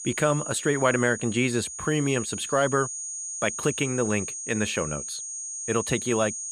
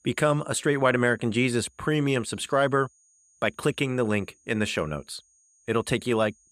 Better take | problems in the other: second | high-pitched whine; loud; throughout; 6.5 kHz, 6 dB below the speech; faint in the second

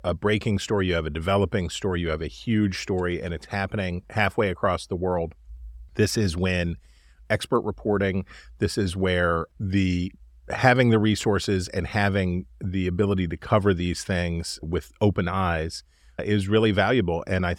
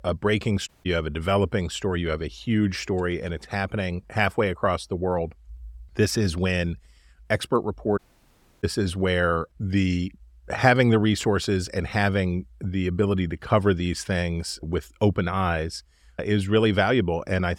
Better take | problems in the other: first | audio cutting out; at 0.5 s and at 8 s for 0.5 s

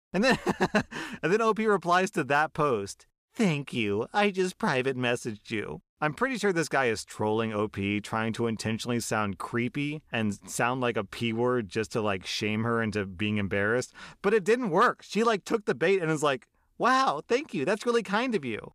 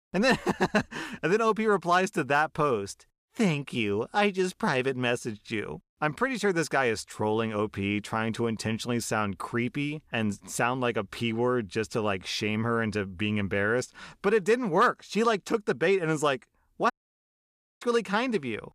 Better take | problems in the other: first | audio cutting out; at 17 s for 1 s

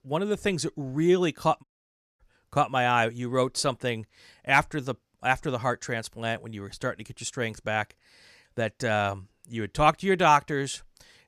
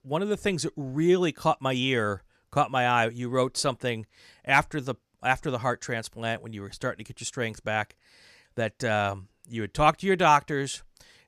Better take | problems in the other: second | audio cutting out; at 1.5 s for 0.5 s

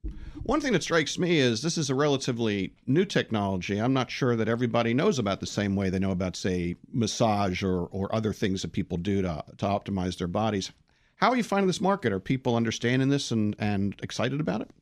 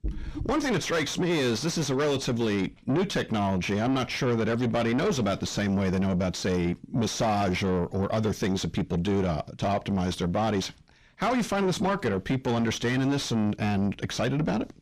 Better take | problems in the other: first | distortion; heavy; 6 dB below the speech

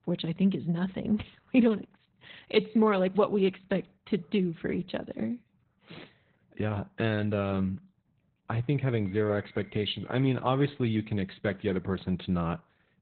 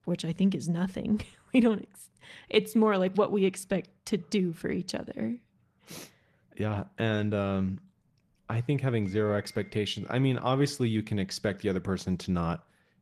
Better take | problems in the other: second | garbled, watery; badly; nothing above 4 kHz; slightly in the second

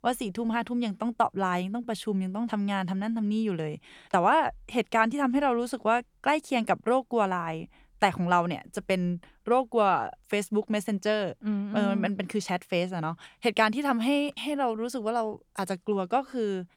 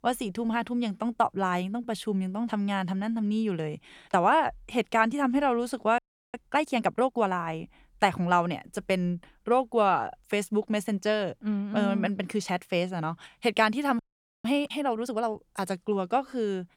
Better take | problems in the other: first | audio freezing; at 6 s and at 14 s

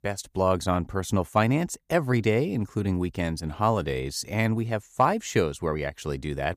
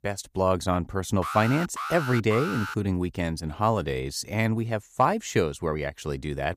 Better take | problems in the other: first | alarm; noticeable; from 1 to 3 s; peak 5 dB below the speech

